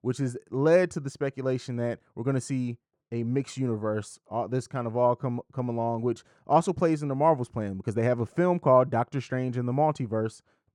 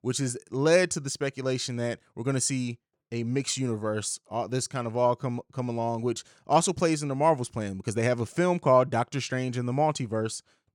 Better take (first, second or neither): second